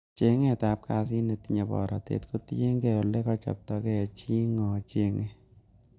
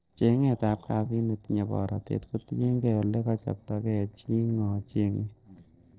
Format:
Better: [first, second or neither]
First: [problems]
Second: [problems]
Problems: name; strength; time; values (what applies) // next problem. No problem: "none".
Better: first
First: none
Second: noise reduction (neural separator model SepFormer DNS4)